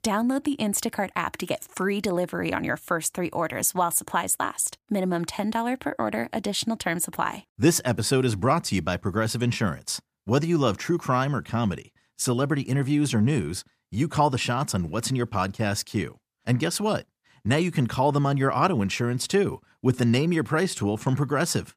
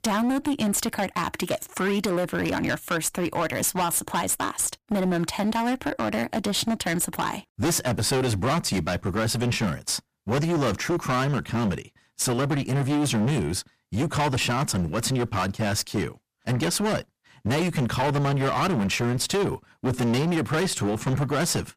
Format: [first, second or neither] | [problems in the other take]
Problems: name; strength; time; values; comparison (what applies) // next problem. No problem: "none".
first | distortion; heavy; 23% of the sound clipped